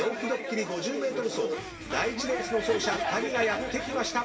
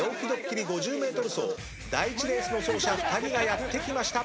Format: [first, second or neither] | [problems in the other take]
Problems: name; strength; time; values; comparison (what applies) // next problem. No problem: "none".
second | background sound (Crowd / Race car, auto racing / Accelerating, revving, vroom); 12 dB below the speech // room echo; dies away in 0.2 s